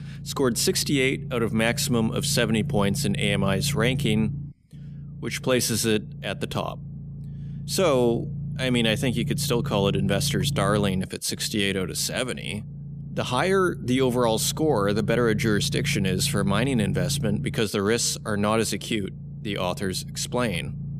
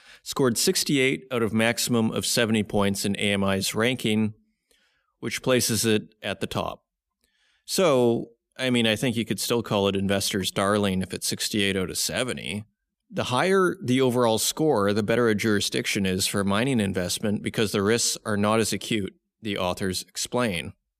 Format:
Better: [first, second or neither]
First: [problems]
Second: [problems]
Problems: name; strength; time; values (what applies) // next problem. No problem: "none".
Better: second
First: low rumble; noticeable; throughout; 15 dB below the speech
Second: none